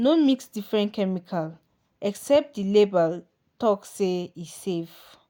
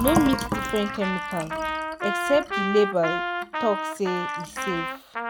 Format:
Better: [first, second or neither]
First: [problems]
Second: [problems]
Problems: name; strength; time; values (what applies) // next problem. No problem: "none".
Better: first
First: none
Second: background sound (Fill (with liquid) + Trumpet); 2 dB below the speech